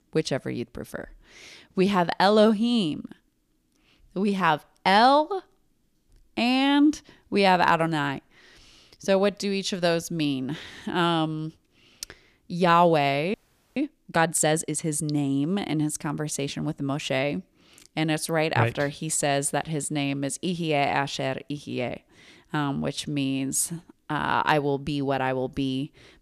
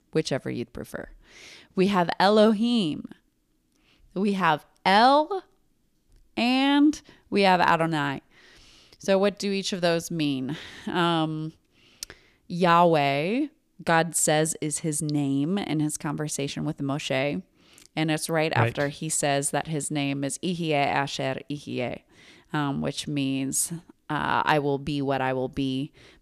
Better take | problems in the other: second | audio freezing; at 13 s

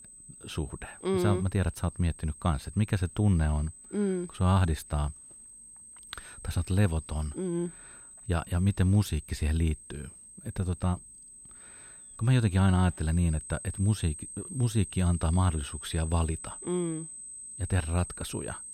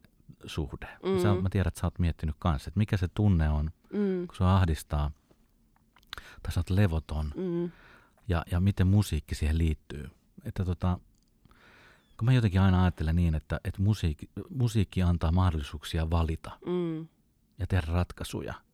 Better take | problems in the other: second | high-pitched whine; noticeable; throughout; 8.5 kHz, 15 dB below the speech

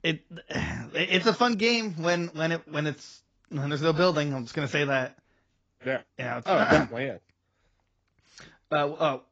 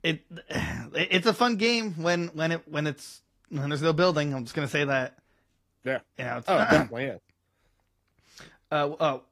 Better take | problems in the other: second | garbled, watery; badly; slightly in the second

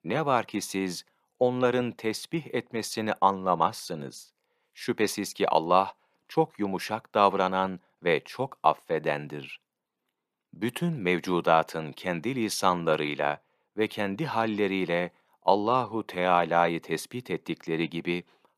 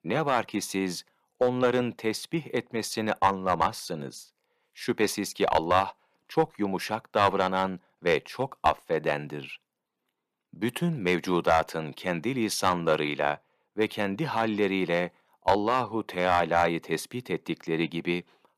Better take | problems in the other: first | distortion; slight; 0.8% of the sound clipped

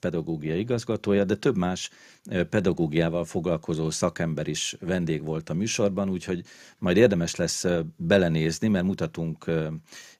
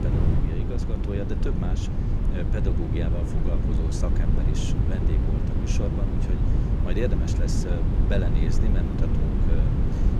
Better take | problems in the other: first | wind noise on the microphone; heavy; 1 dB above the speech

